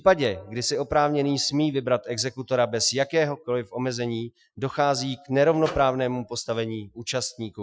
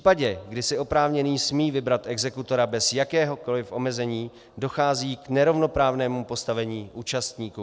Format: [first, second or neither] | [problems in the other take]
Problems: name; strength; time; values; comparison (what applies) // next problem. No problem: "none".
second | noise reduction (classical method Wiener filter)